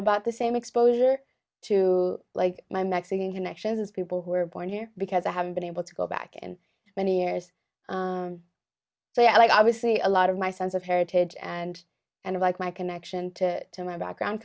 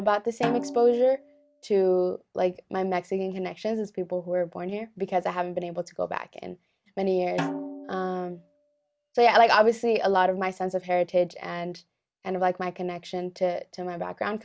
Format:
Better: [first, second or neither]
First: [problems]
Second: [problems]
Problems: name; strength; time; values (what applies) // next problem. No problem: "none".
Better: first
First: none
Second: background sound (Snare drum); 11 dB below the speech